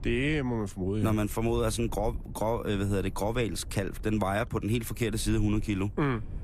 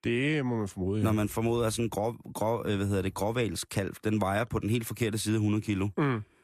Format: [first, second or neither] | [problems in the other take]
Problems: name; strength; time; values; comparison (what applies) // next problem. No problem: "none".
second | low rumble; faint; throughout; 25 dB below the speech